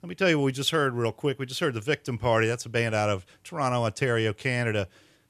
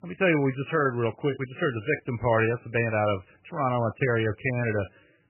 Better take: first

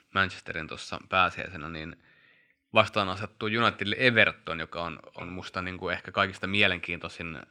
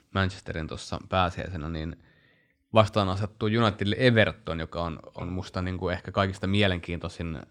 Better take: second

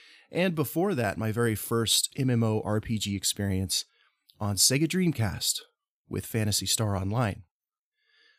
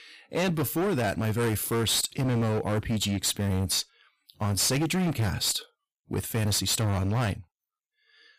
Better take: first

